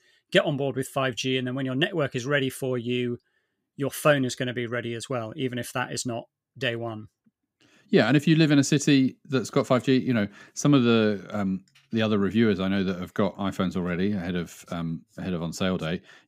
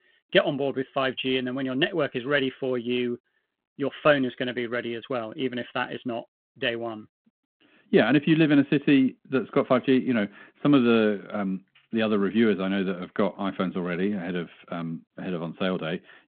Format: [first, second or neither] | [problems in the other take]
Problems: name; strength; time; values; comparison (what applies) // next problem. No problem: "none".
first | phone-call audio